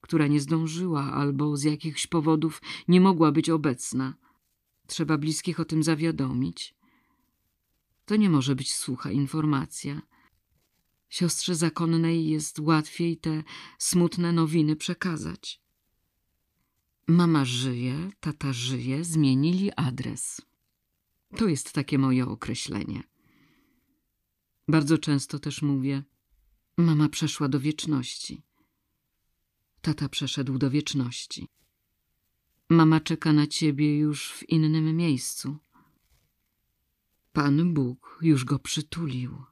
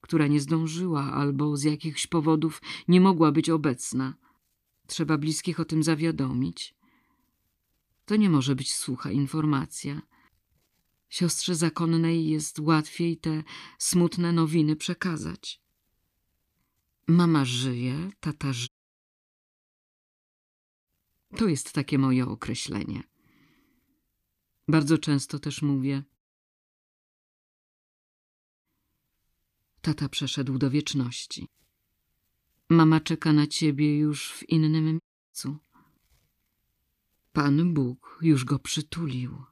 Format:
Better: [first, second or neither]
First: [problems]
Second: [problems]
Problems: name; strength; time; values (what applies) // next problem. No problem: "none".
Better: first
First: none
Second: audio cutting out; at 19 s for 2 s, at 26 s for 2.5 s and at 35 s